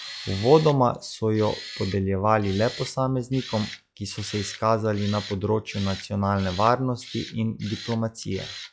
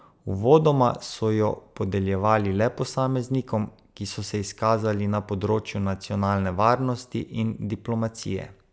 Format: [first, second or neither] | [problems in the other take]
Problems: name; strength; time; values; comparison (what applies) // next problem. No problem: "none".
second | noise reduction (classical method log-MMSE)